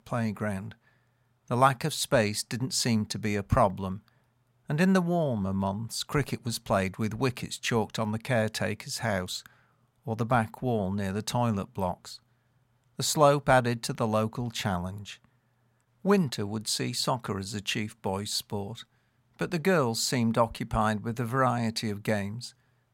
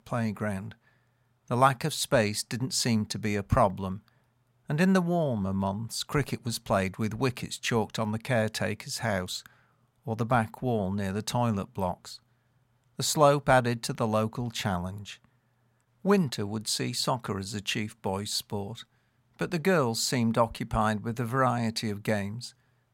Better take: neither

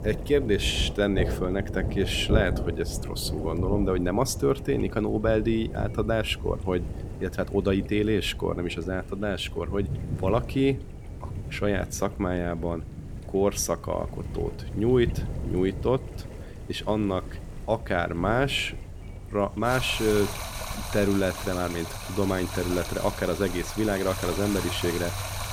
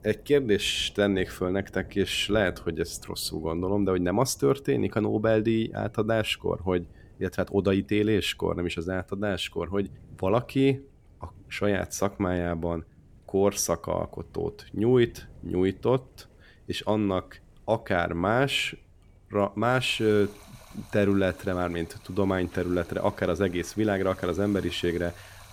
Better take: second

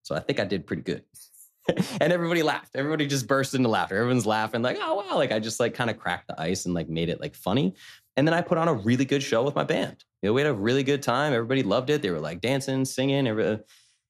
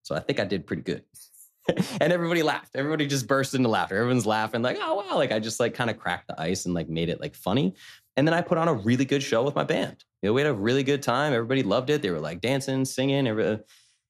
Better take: neither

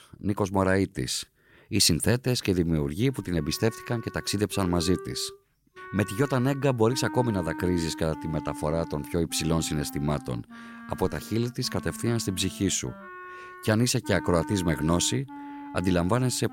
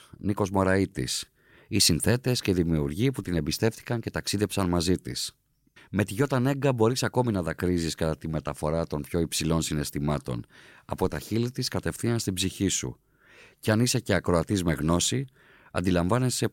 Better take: second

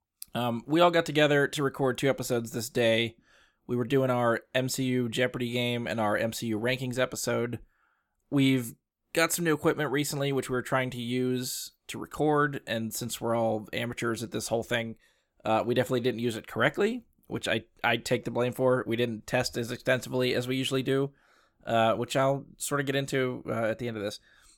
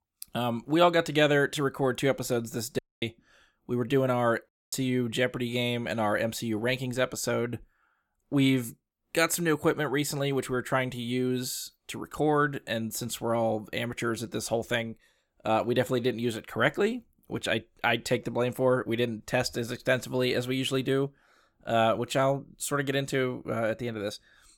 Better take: first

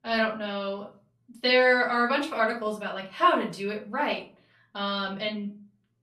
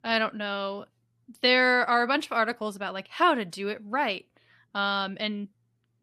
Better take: second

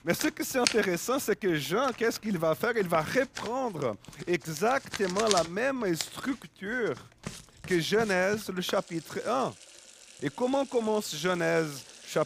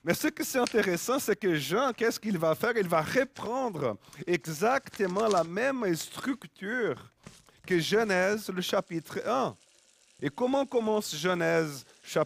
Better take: second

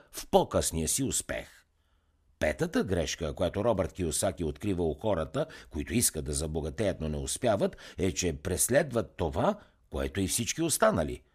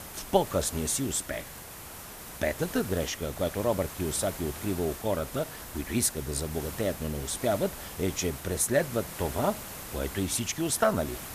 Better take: first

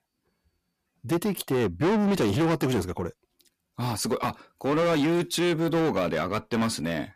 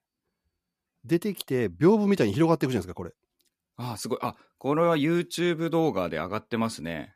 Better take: second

